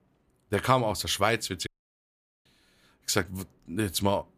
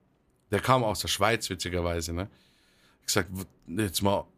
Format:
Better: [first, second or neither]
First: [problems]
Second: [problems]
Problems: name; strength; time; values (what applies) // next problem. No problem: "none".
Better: second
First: audio cutting out; at 1.5 s for 1 s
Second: none